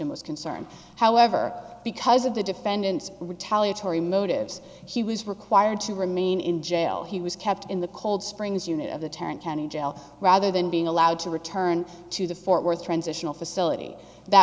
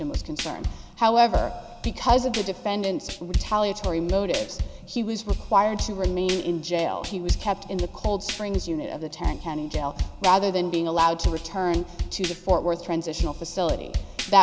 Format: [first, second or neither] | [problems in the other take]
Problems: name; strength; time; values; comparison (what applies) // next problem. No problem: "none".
first | background sound (Drum / Drum kit); 5 dB below the speech